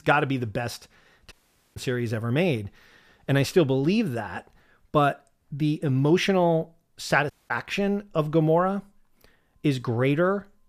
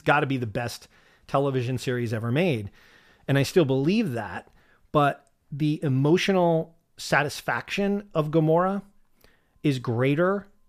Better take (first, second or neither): second